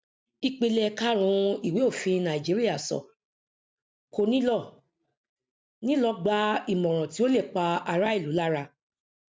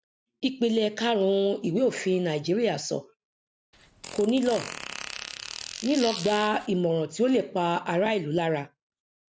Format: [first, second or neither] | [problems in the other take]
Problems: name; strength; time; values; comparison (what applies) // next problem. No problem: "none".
first | background sound (Fart); 11 dB below the speech